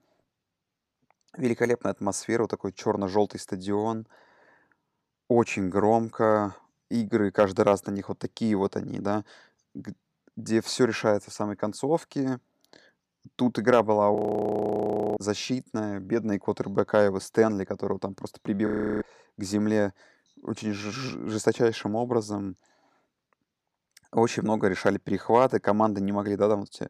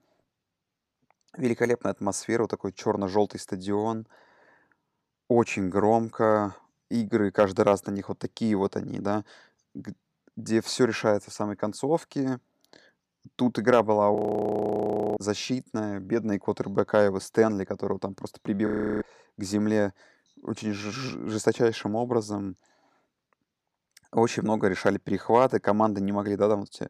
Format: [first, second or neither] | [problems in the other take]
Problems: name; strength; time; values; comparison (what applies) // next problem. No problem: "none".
neither | audio freezing; at 14 s for 1 s and at 19 s; the same in both